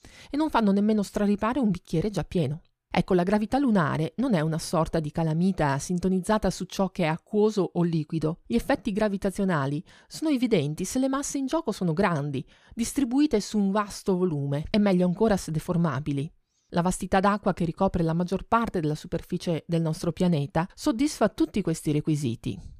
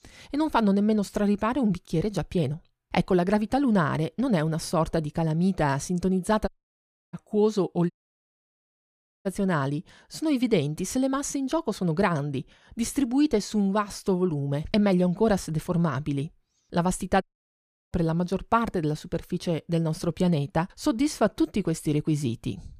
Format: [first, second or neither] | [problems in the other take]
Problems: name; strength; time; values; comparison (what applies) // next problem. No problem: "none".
first | audio cutting out; at 6.5 s for 0.5 s, at 8 s for 1.5 s and at 17 s for 0.5 s